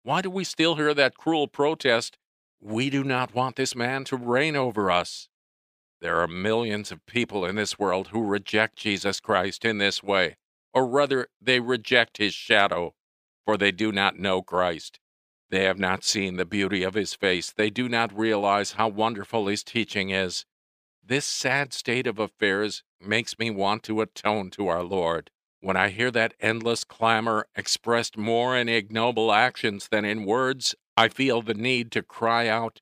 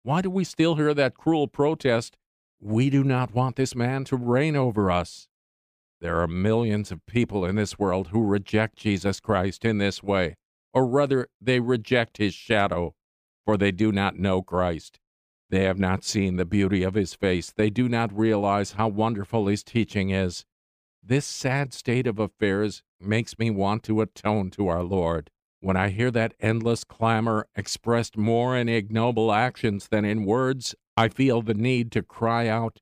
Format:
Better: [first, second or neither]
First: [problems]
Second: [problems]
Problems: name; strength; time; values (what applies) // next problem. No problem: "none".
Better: second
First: thin; somewhat; fading below 1 kHz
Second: none